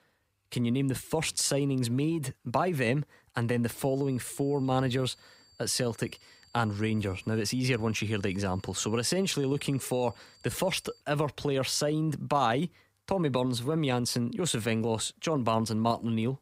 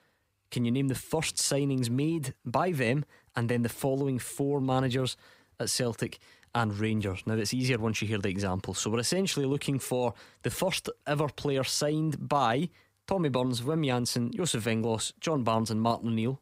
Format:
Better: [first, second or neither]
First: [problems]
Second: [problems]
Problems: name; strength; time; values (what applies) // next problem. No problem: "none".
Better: second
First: high-pitched whine; faint; from 3.5 to 11 s; 4.5 kHz, 30 dB below the speech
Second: none